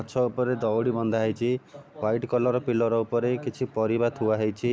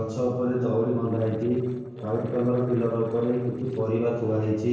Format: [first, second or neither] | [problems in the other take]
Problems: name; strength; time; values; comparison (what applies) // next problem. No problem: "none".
first | noise reduction (neural separator model SepFormer DNS4)